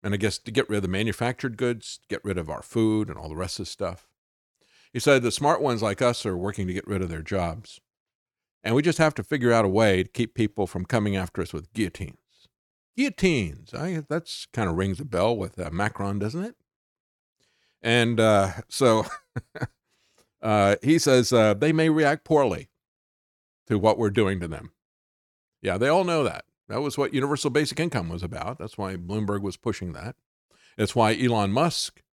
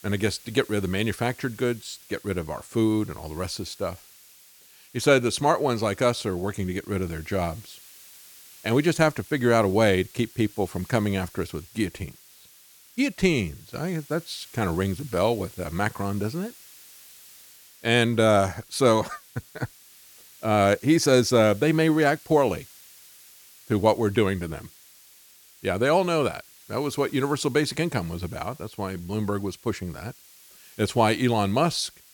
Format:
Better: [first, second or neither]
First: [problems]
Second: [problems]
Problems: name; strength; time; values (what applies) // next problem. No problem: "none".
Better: first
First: none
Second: hiss; faint; throughout; 25 dB below the speech